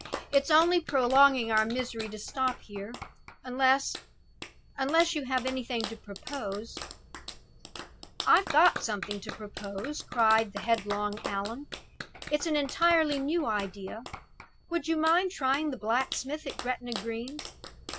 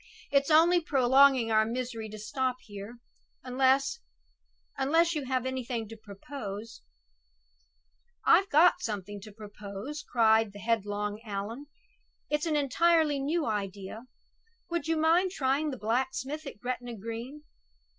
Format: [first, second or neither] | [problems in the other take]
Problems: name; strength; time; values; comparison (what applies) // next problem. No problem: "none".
second | background sound (Clapping); 13 dB below the speech